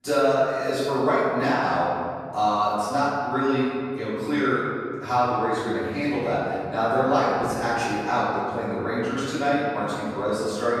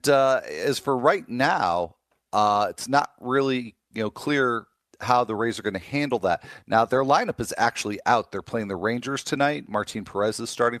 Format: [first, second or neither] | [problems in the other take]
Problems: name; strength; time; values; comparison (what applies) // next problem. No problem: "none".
second | room echo; strong; dies away in 2.2 s // off-mic speech; far